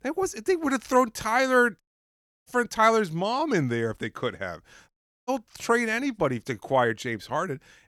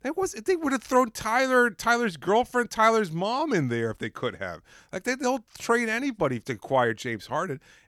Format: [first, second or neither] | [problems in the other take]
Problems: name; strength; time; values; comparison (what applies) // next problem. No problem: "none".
second | audio cutting out; at 2 s for 0.5 s and at 5 s